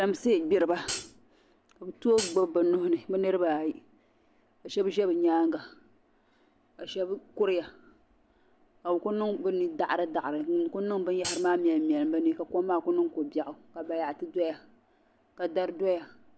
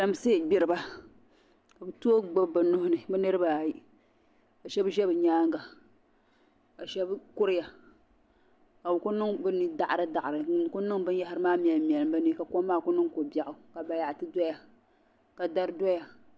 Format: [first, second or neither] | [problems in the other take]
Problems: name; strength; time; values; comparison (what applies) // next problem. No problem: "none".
second | background sound (Hi-hat); 7 dB below the speech